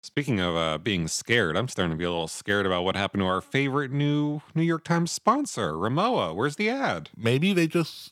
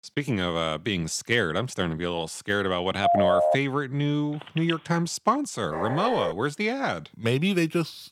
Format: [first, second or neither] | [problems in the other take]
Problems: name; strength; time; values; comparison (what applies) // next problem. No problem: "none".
first | phone ringing; loud; at 3 s; peak 5 dB above the speech // phone ringing; noticeable; at 4.5 s; peak 8 dB below the speech // dog barking; noticeable; at 5.5 s; peak 4 dB below the speech